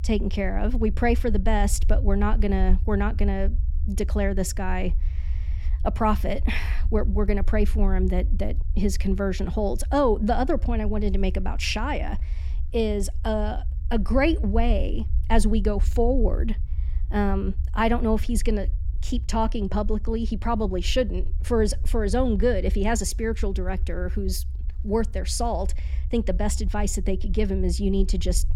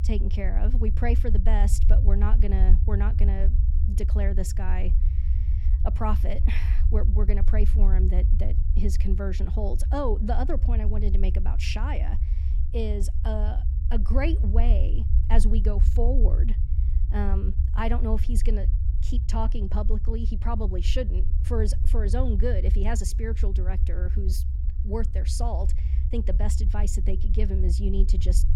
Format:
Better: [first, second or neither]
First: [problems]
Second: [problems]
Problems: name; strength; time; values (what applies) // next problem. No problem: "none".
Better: first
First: low rumble; faint; throughout; 20 dB below the speech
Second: low rumble; loud; throughout; 10 dB below the speech